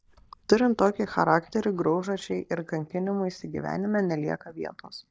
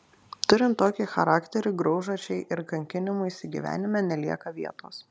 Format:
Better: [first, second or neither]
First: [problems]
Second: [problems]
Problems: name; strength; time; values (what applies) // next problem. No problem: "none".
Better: second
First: noise reduction (neural mask model DeepFilterNet 3)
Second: none